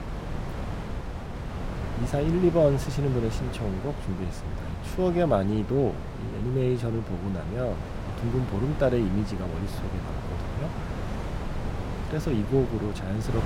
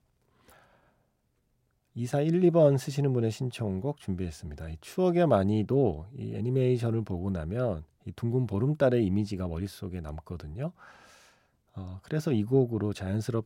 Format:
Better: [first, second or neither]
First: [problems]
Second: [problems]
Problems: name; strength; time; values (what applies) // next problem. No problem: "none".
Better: second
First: wind noise on the microphone; heavy; 9 dB below the speech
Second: none